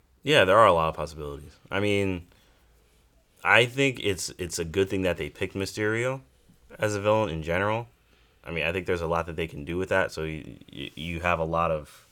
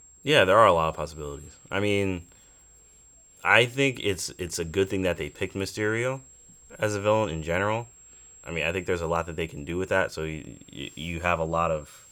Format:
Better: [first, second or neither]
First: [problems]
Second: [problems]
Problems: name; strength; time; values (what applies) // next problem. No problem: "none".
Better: first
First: none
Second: high-pitched whine; faint; throughout; 7.5 kHz, 25 dB below the speech